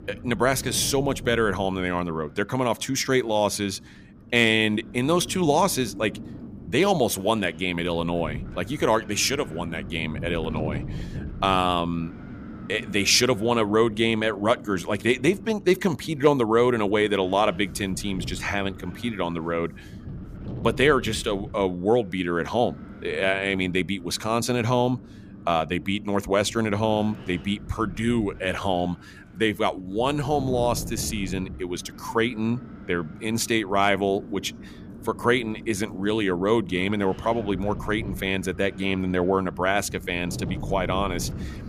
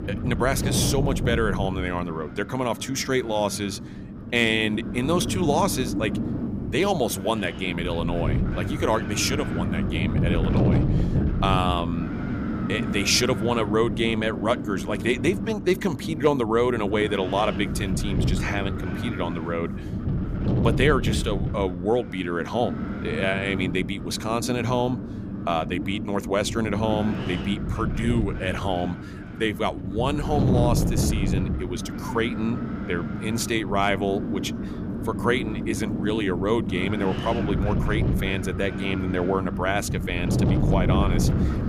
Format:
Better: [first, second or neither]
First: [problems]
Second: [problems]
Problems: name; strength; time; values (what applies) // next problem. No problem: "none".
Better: first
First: wind noise on the microphone; occasional gusts; 20 dB below the speech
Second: wind noise on the microphone; heavy; 8 dB below the speech